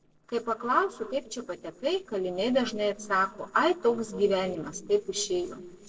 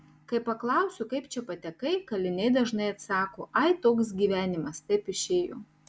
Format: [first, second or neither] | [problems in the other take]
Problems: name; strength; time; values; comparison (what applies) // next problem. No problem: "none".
second | noise reduction (neural separator model SepFormer DNS4)